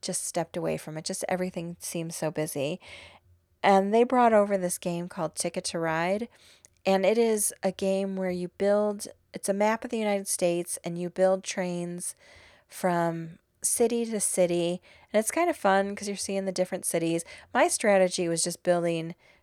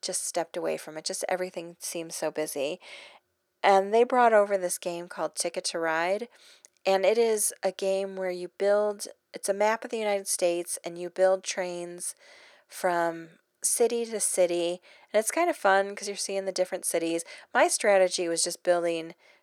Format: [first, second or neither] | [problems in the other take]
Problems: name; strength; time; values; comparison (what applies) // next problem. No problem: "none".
first | thin; somewhat; fading below 400 Hz